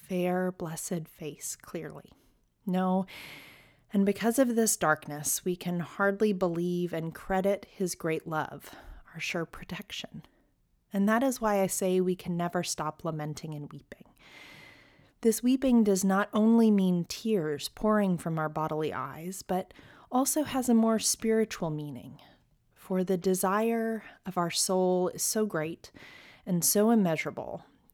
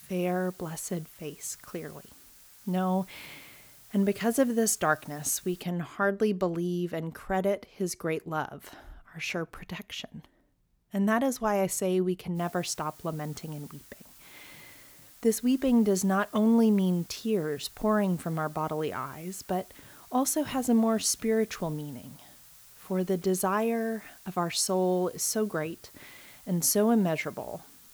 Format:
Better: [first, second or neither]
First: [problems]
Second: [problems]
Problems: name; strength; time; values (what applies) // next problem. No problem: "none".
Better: first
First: none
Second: hiss; faint; until 5.5 s and from 12 s on; 20 dB below the speech